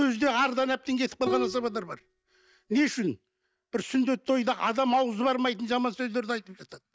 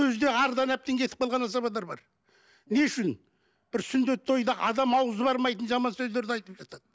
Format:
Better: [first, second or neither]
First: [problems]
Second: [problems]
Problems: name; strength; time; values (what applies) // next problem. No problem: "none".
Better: second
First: noise reduction (neural mask model DeepFilterNet 3)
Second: none